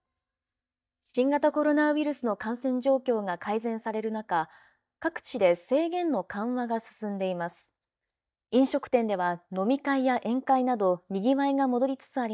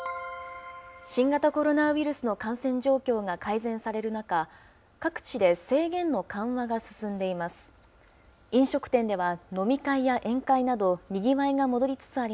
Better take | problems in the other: second | noise reduction (neural mask model DeepFilterNet 3)

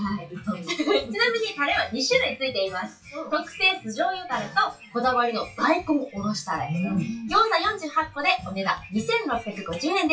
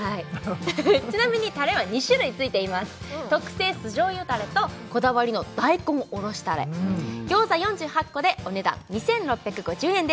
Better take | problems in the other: second | noise reduction (classical method WPE with log-MMSE)

